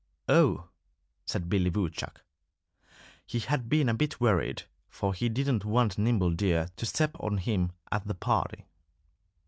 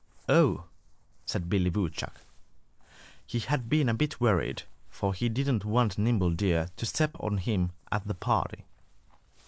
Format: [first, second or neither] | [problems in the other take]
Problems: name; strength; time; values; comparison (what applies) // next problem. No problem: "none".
first | background sound (Crumpling, crinkling); 19 dB below the speech